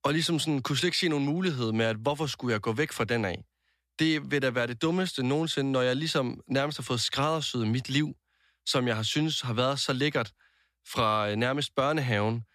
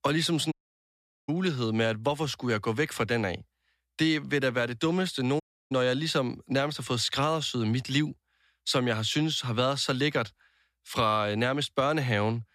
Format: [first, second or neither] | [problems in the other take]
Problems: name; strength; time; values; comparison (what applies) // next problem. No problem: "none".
first | audio cutting out; at 0.5 s for 1 s and at 5.5 s